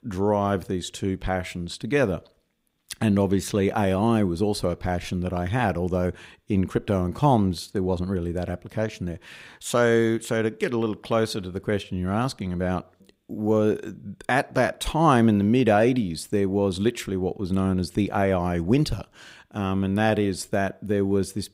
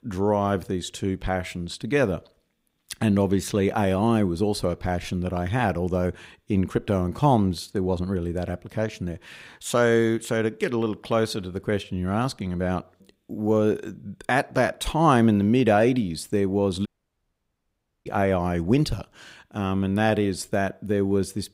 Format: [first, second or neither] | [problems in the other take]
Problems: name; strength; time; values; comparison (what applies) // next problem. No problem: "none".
first | audio cutting out; at 17 s for 1 s